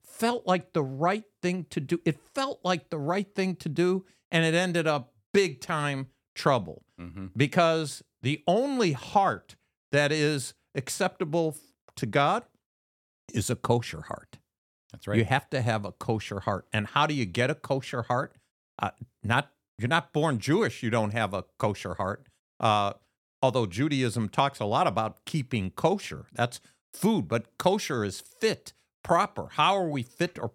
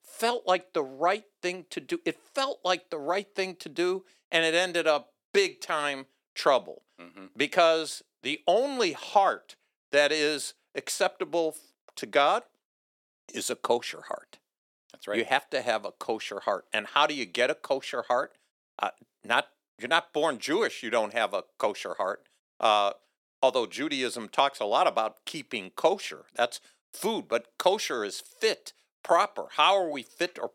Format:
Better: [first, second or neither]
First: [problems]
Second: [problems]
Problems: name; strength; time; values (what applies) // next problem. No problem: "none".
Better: first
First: none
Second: thin; somewhat; fading below 350 Hz